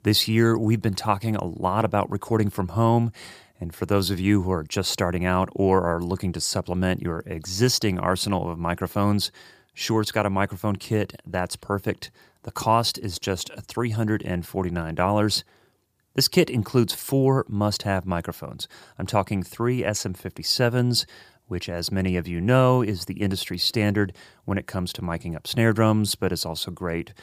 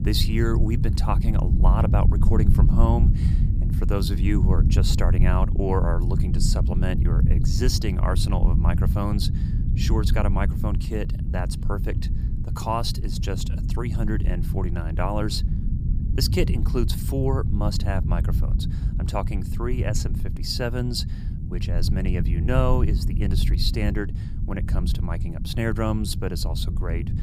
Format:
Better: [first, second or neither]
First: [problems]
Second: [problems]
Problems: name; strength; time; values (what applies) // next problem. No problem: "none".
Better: first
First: none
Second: low rumble; loud; throughout; 7 dB below the speech